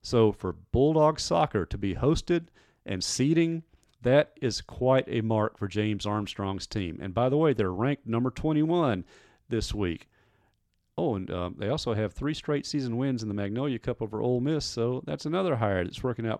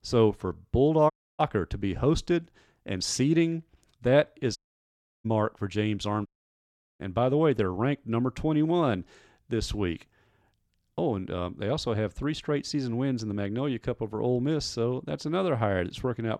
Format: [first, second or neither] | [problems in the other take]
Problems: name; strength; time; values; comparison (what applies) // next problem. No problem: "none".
first | audio cutting out; at 1 s, at 4.5 s for 0.5 s and at 6.5 s for 0.5 s